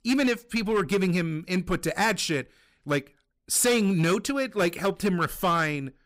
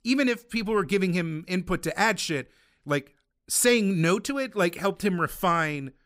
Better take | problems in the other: second | distortion; slight; 7% of the sound clipped

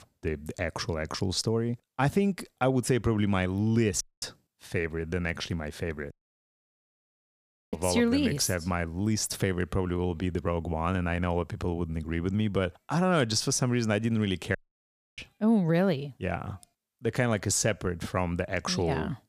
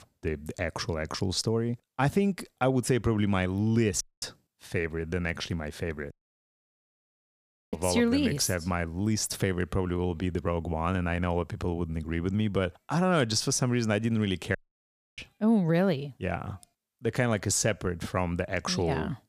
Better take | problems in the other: neither | audio cutting out; at 4 s, at 6 s for 1.5 s and at 15 s for 0.5 s; the same in both

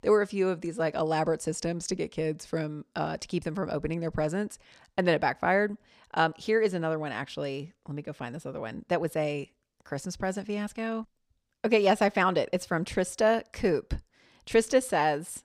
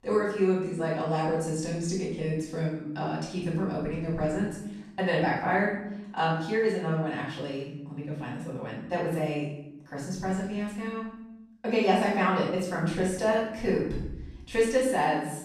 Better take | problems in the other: first | room echo; noticeable; dies away in 0.8 s // off-mic speech; far

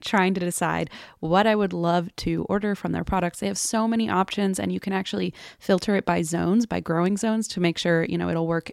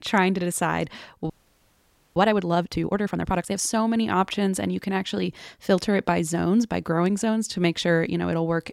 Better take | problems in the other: first | audio freezing; at 1.5 s for 1 s

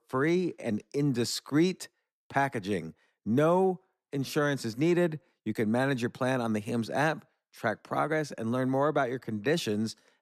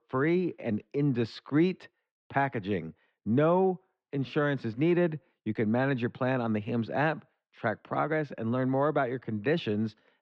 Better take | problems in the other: first | muffled; slightly; fading above 3 kHz

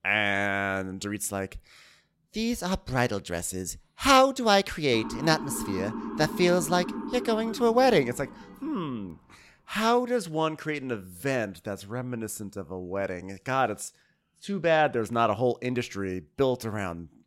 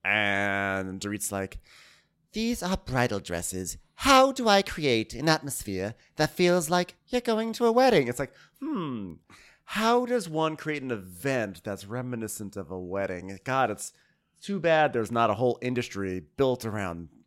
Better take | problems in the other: second | siren; noticeable; from 5 to 9 s; peak 7 dB below the speech

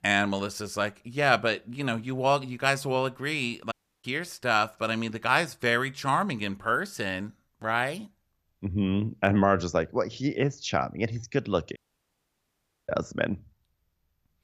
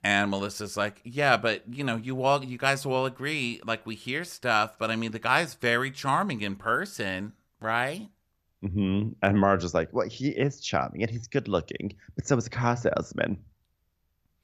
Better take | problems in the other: second | audio cutting out; at 3.5 s and at 12 s for 1 s

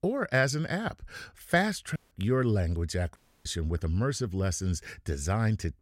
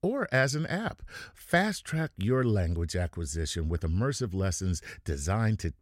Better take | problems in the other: second | audio cutting out; at 2 s and at 3 s

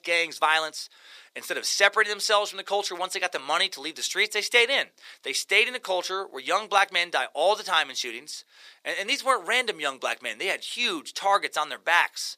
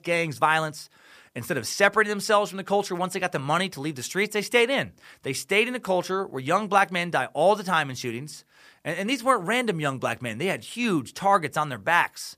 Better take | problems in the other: second | thin; very; fading below 400 Hz

